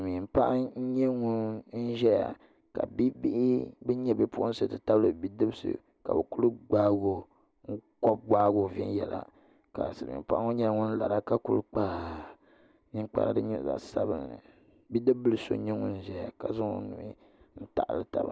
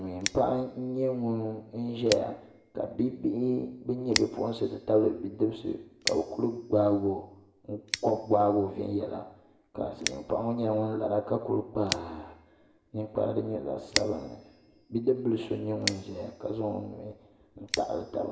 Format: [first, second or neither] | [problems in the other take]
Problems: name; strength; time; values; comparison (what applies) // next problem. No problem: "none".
first | background sound (Scissors); 11 dB below the speech // room echo; dies away in 0.8 s